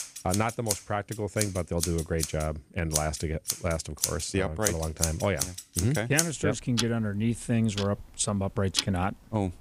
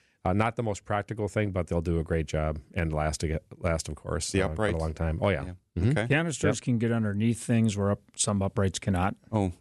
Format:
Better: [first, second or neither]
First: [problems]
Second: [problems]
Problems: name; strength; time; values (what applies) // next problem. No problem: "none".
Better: second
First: household noises; loud; throughout; 3 dB below the speech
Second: none